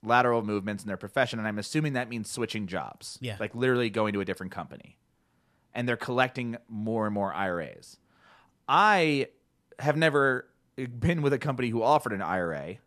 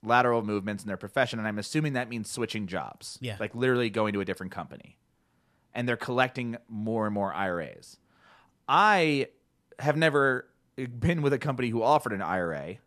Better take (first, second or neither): neither